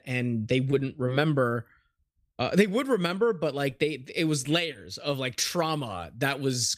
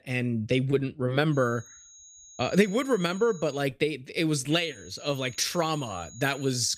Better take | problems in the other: first | high-pitched whine; noticeable; from 1.5 to 3.5 s and from 4.5 s on; 6.5 kHz, 20 dB below the speech

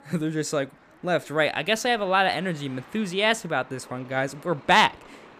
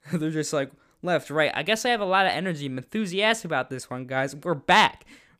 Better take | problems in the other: second | traffic noise; faint; throughout; 25 dB below the speech

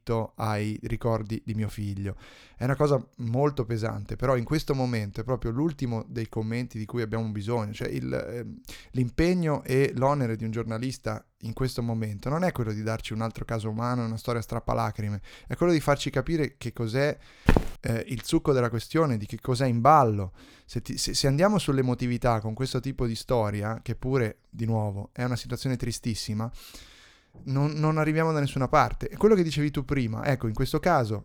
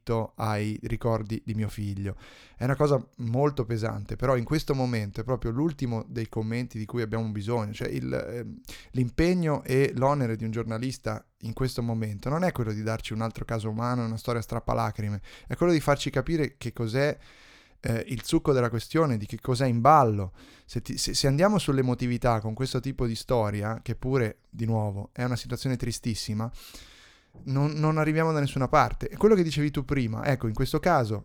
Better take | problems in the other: second | footsteps; loud; at 17 s; peak 2 dB above the speech

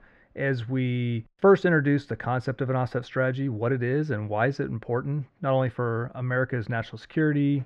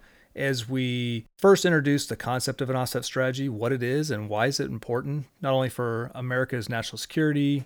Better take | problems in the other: second | muffled; very; fading above 2 kHz

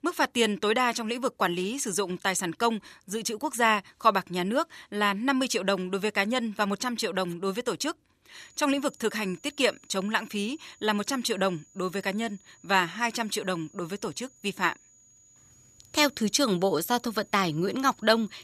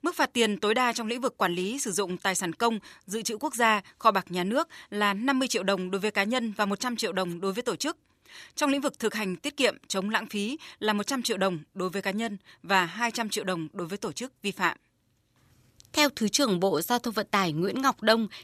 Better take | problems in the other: second | high-pitched whine; faint; from 8.5 s on; 7 kHz, 30 dB below the speech

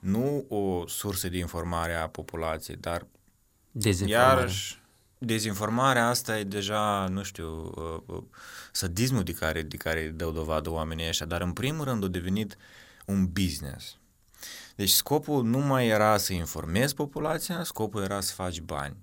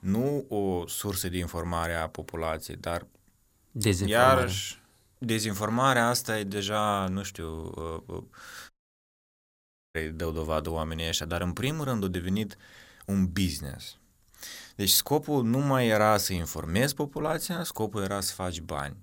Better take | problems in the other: first | audio cutting out; at 8.5 s for 1 s

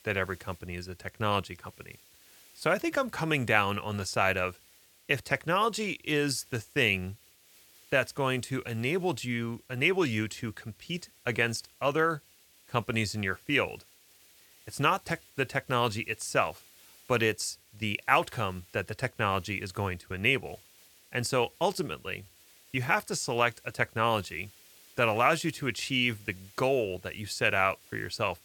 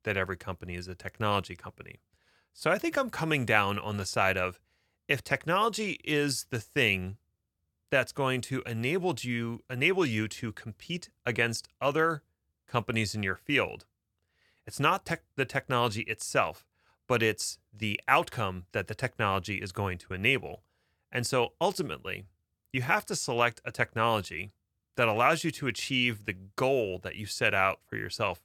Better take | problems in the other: second | hiss; faint; throughout; 25 dB below the speech

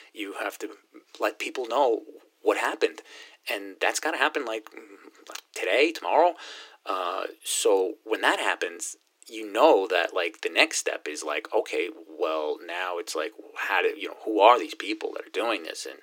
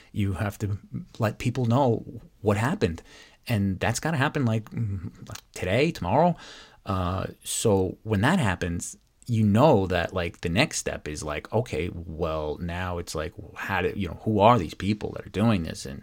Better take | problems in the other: second | thin; very; fading below 300 Hz

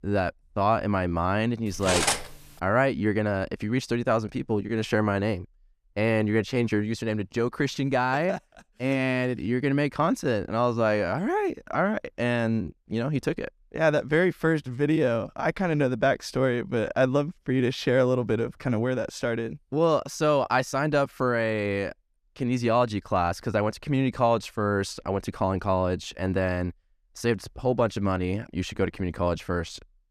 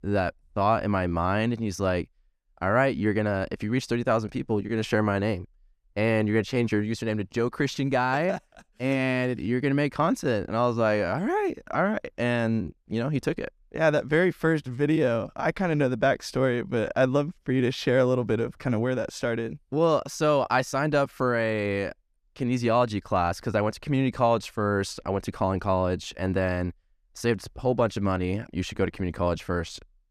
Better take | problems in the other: second | clattering dishes; loud; at 1.5 s; peak 3 dB above the speech

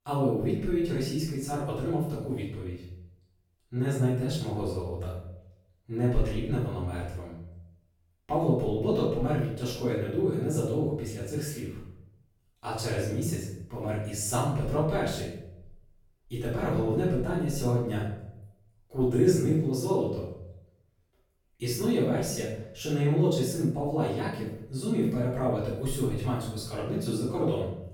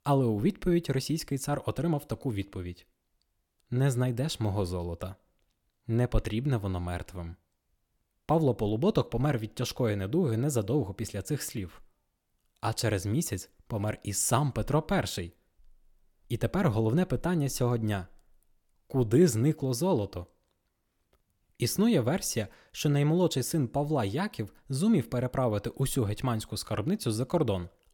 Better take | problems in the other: second | off-mic speech; far // room echo; noticeable; dies away in 0.6 s

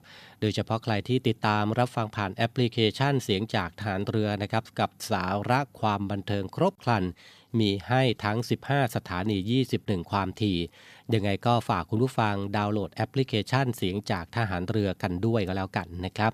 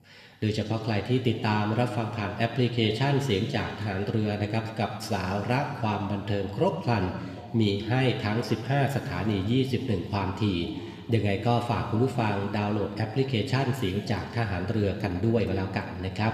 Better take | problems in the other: first | room echo; slight; dies away in 2 s

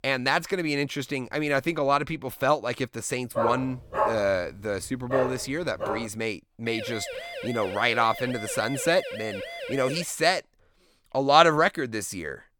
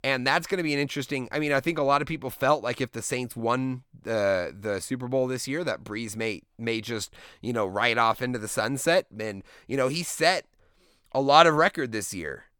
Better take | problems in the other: second | dog barking; noticeable; from 3.5 to 6 s; peak 1 dB below the speech // siren; noticeable; from 6.5 to 10 s; peak 9 dB below the speech

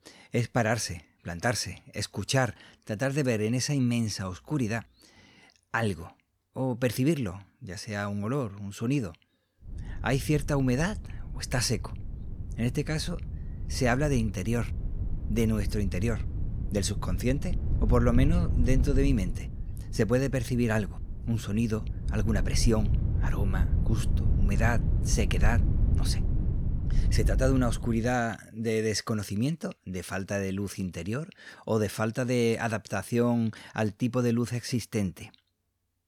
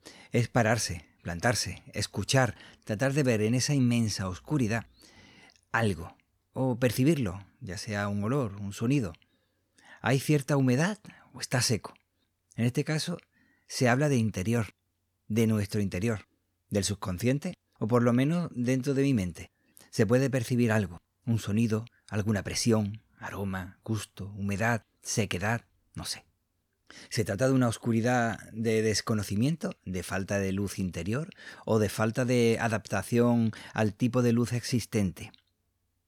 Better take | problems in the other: second | wind noise on the microphone; occasional gusts; from 9.5 to 28 s; 15 dB below the speech

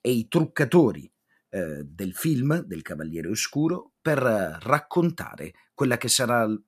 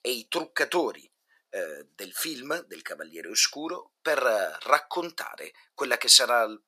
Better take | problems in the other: first | thin; very; fading below 500 Hz

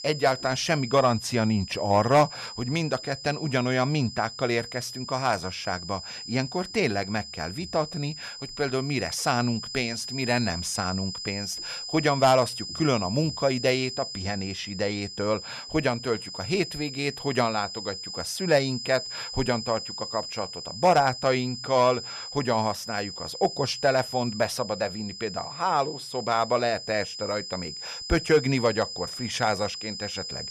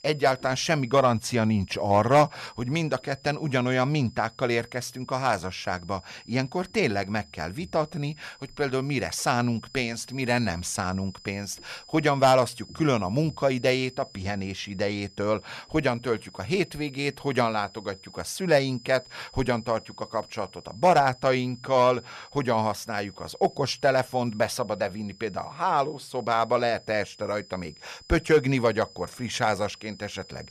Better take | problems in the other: second | high-pitched whine; loud; throughout; 5 kHz, 8 dB below the speech; faint in the second

